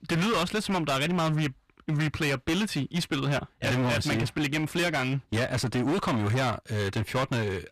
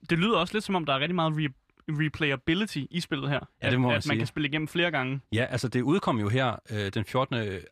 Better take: second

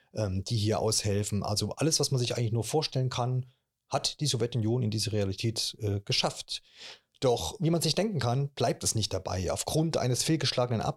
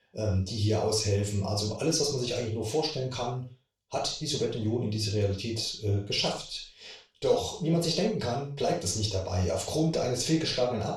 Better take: first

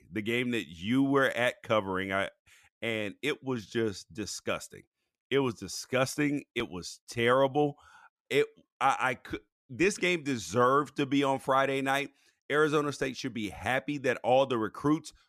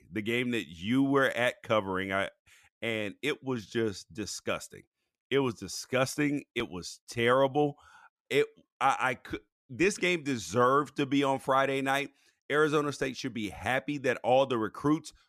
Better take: neither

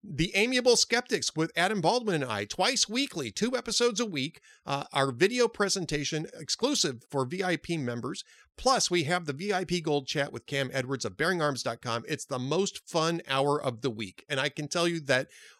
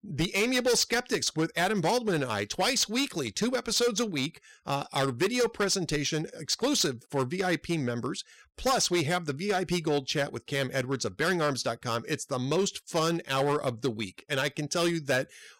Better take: first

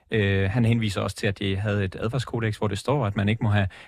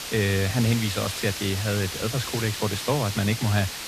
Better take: first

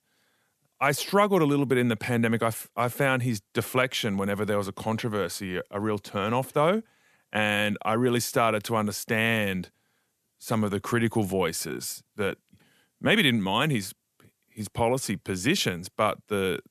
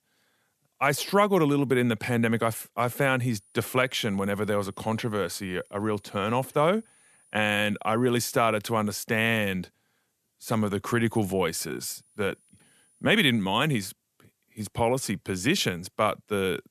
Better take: first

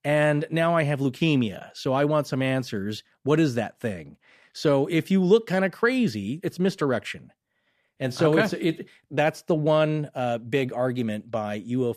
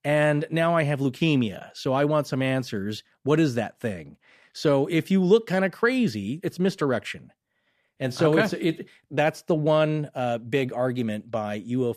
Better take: neither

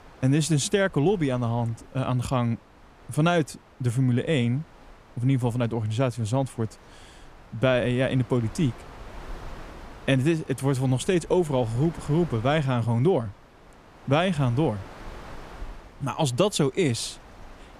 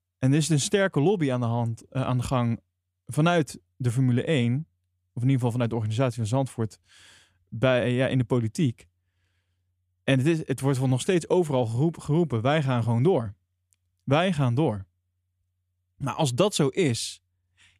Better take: second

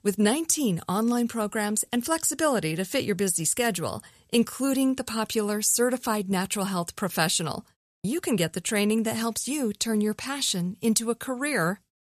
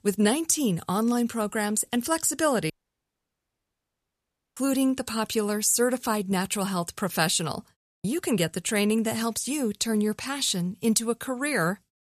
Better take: first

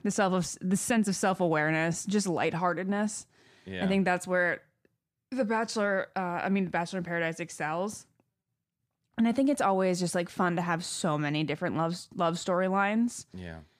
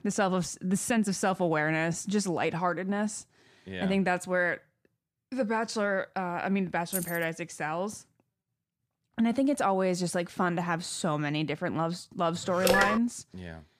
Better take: first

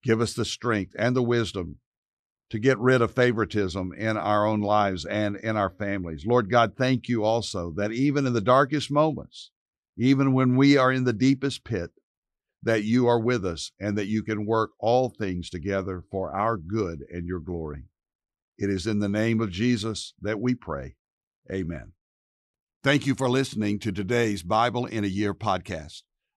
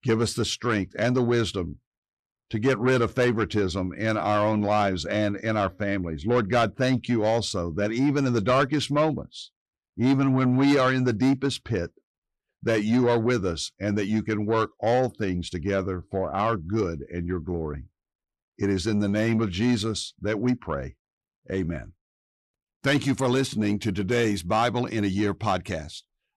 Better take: first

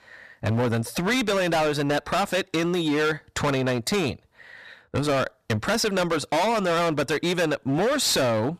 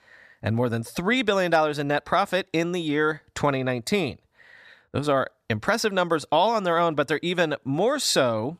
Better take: second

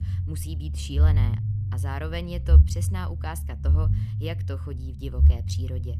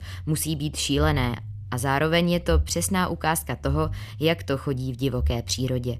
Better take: second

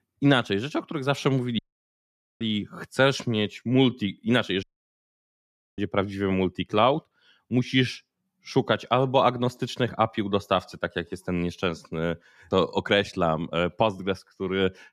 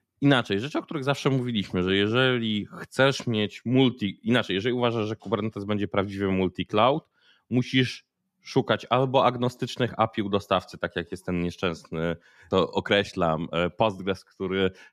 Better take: second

